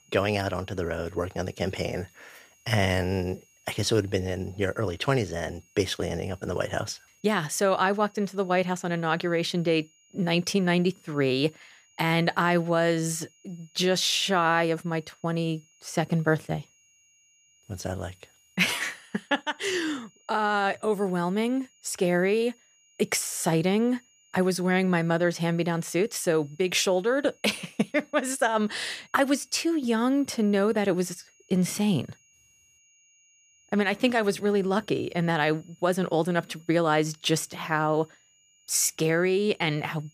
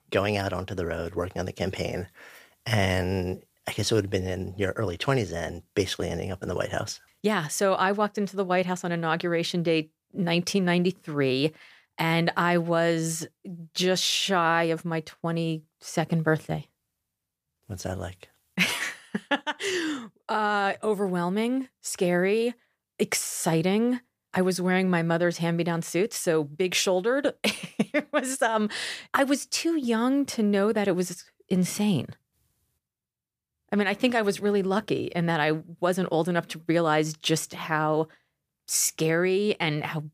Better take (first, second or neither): second